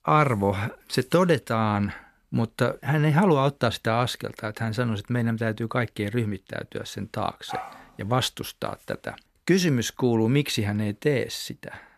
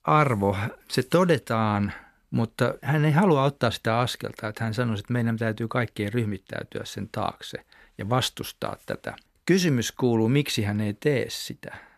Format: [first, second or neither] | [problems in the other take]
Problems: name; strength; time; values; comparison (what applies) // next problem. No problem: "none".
second | dog barking; faint; at 7.5 s; peak 10 dB below the speech